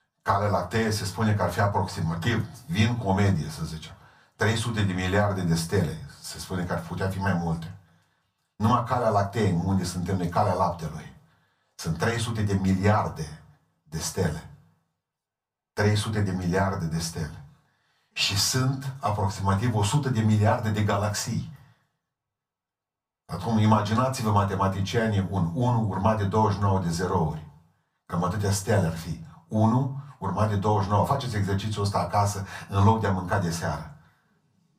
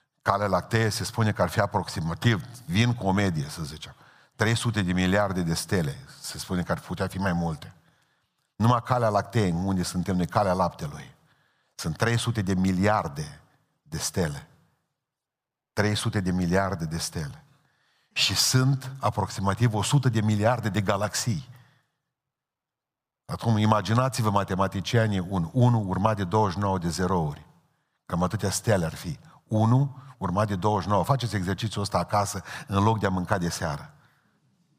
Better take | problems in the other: second | off-mic speech; far // room echo; very slight; dies away in 0.2 s

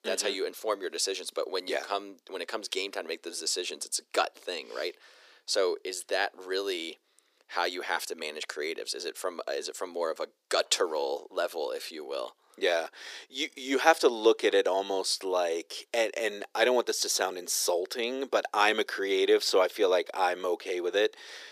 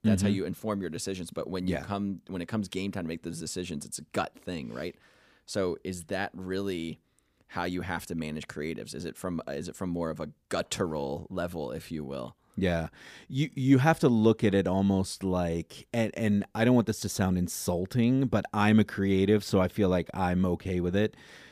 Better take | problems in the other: second | thin; very; fading below 350 Hz

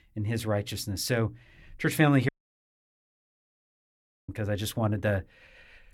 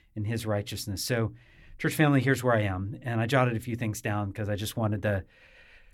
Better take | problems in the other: second | audio cutting out; at 2.5 s for 2 s

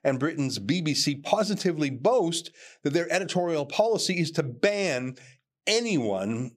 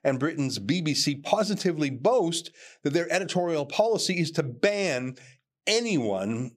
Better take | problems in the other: neither | none

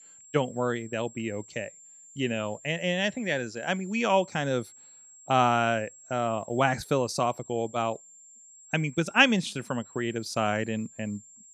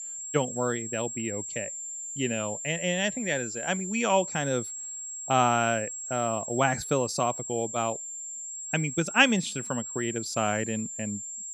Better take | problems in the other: first | high-pitched whine; loud; throughout; 7.5 kHz, 6 dB below the speech; faint in the first

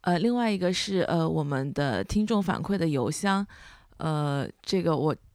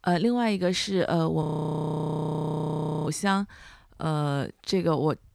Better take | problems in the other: first | audio freezing; at 1.5 s for 1.5 s

